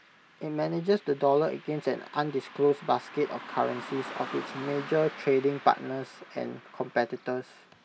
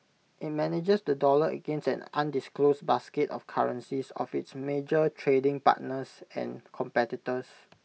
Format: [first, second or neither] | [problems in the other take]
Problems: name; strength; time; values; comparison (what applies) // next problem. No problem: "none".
second | background sound (Car passing by); 16 dB below the speech